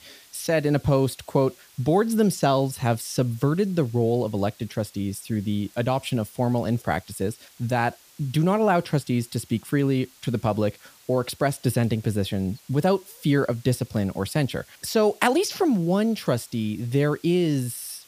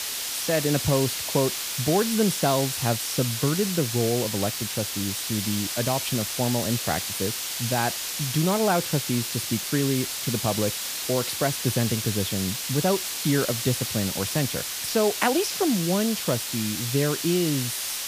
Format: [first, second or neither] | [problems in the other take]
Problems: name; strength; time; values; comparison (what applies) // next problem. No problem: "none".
first | hiss; loud; throughout; 2 dB below the speech; faint in the first